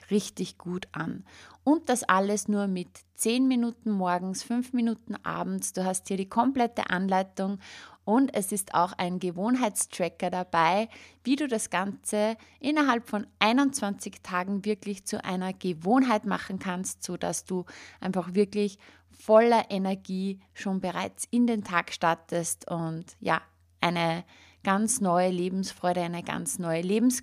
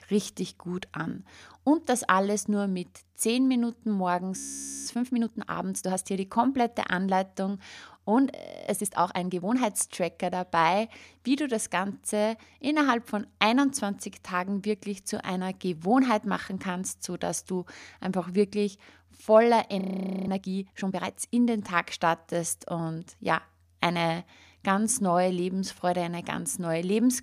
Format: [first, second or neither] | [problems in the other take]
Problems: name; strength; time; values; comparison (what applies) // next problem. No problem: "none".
first | audio freezing; at 4.5 s, at 8.5 s and at 20 s